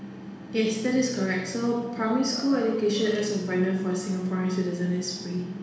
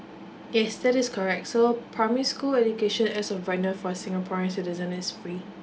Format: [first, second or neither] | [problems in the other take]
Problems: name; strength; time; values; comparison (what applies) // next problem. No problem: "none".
second | background sound (Chicken, rooster); 19 dB below the speech // room echo; dies away in 1.1 s